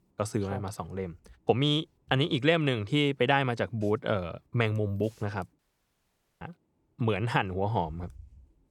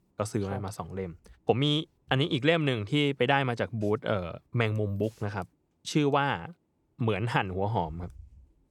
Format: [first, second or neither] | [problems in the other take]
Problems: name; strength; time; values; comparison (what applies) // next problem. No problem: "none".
second | audio cutting out; at 5.5 s for 1 s